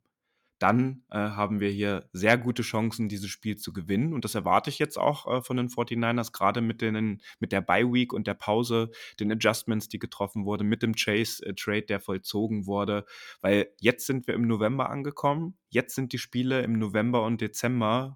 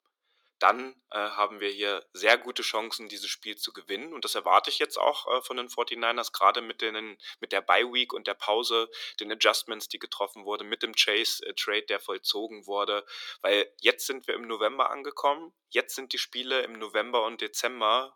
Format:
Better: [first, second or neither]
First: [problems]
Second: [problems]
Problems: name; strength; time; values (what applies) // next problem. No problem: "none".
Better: first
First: none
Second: thin; very; fading below 350 Hz